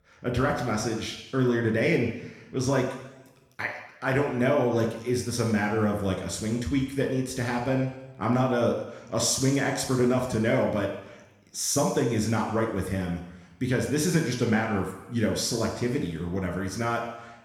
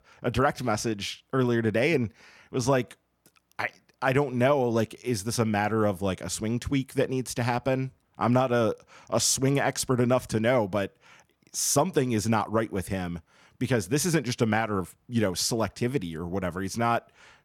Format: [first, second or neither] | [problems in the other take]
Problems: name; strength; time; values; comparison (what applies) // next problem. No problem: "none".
second | room echo; noticeable; dies away in 0.9 s // off-mic speech; somewhat distant